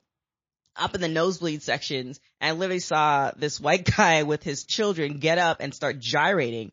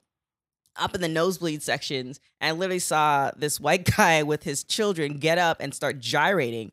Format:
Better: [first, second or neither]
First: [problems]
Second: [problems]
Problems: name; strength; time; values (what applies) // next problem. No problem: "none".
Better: second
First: garbled, watery; slightly; nothing above 6.5 kHz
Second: none